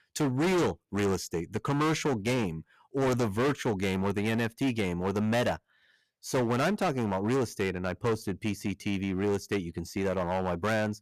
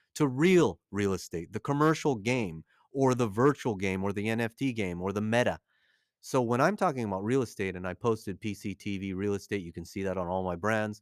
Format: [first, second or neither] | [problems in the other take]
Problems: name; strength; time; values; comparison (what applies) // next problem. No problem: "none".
second | distortion; heavy; 15% of the sound clipped